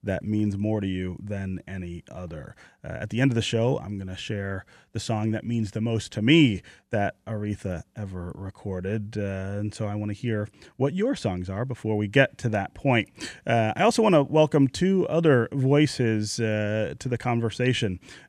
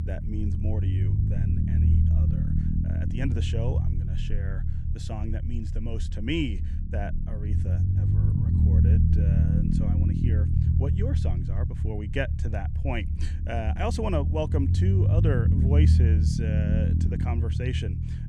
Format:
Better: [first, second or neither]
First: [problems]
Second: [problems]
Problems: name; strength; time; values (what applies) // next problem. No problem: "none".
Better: first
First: none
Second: low rumble; loud; throughout; 2 dB below the speech